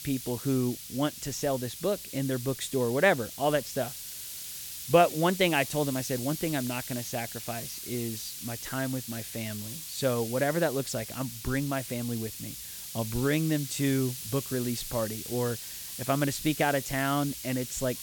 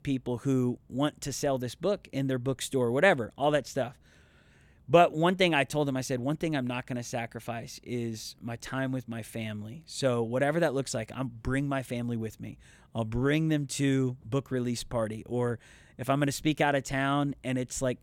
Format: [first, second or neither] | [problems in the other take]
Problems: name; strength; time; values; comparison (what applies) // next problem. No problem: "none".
second | hiss; loud; throughout; 8 dB below the speech